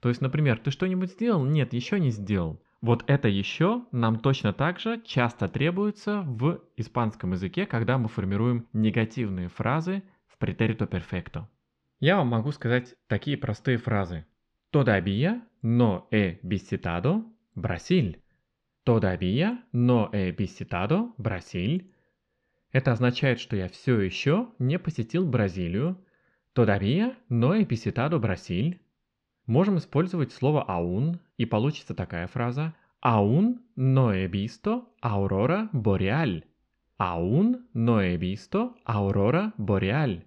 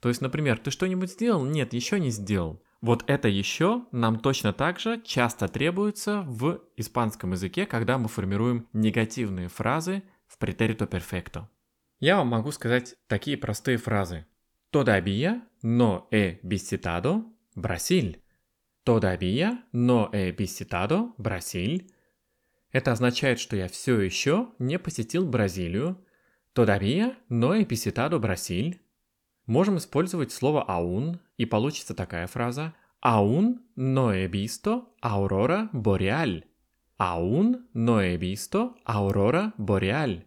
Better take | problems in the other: second | muffled; slightly; fading above 4 kHz

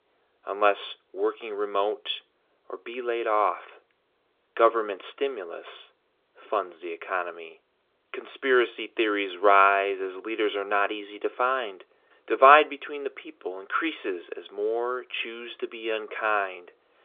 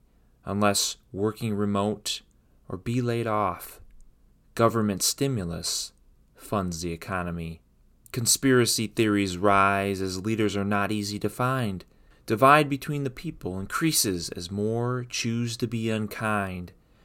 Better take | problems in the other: second | phone-call audio; nothing above 3.5 kHz

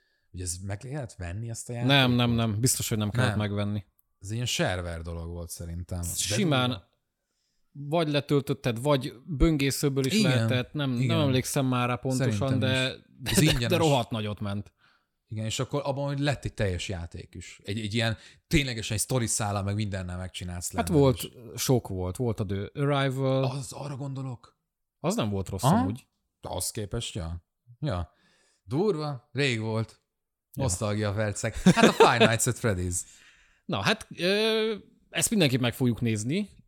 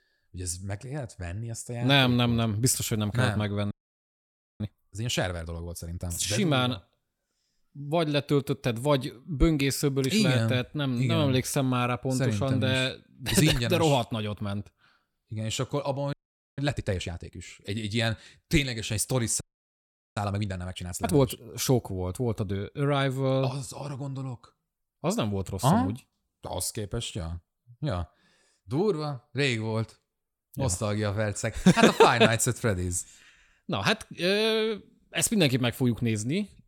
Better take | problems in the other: first | audio freezing; at 3.5 s for 1 s, at 16 s and at 19 s for 1 s

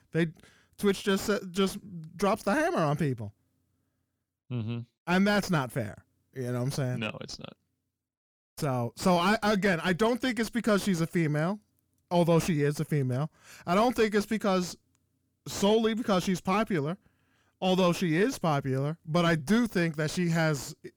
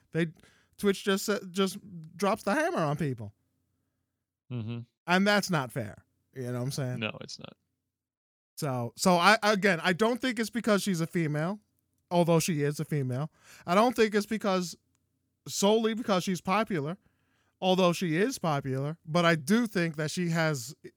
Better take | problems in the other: second | distortion; slight; 10 dB below the speech

